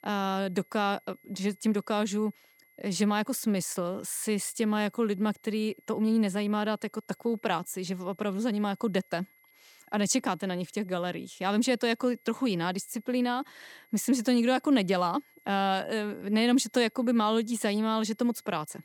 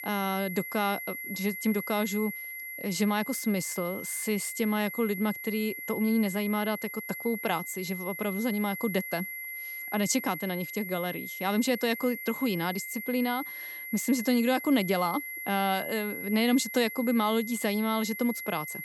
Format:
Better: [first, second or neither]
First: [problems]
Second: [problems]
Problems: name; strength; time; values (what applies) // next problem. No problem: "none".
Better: first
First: high-pitched whine; faint; throughout; 2 kHz, 30 dB below the speech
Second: high-pitched whine; loud; throughout; 2 kHz, 7 dB below the speech